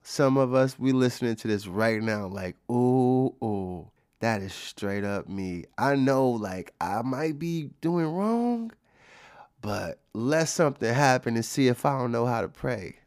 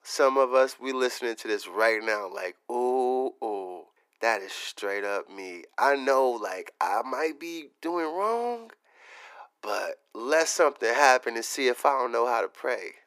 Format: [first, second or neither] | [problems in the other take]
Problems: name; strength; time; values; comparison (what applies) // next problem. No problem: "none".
first | thin; very; fading below 350 Hz